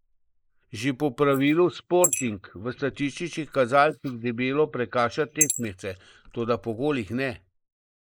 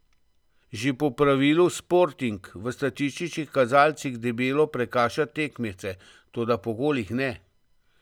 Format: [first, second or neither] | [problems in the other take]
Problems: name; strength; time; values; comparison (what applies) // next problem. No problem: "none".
second | noise reduction (neural mask model Resemble Enhance denoiser)